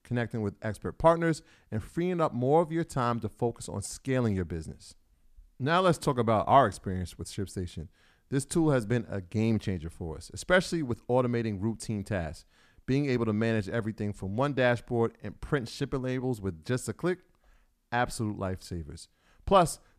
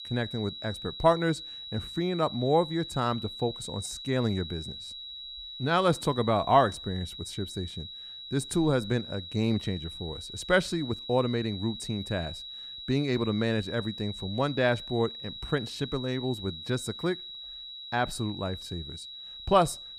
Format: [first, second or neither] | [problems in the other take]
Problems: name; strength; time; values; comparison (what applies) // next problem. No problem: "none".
first | high-pitched whine; loud; throughout; 4 kHz, 10 dB below the speech